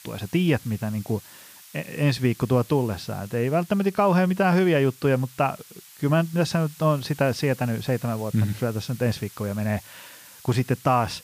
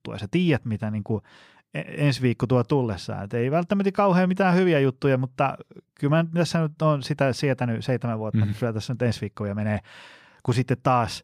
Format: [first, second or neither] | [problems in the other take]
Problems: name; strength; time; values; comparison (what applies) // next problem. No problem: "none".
second | hiss; faint; throughout; 20 dB below the speech